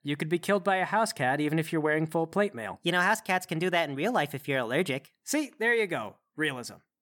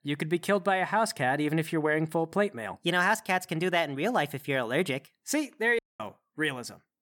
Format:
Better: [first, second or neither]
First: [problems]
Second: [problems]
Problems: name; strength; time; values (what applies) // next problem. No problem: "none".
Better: first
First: none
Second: audio cutting out; at 6 s